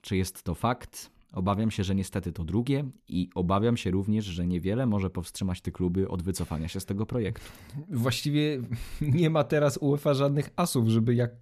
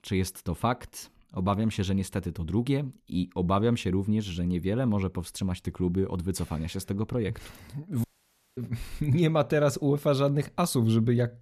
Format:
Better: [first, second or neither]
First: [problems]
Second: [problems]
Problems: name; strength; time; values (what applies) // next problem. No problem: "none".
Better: first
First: none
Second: audio cutting out; at 8 s for 0.5 s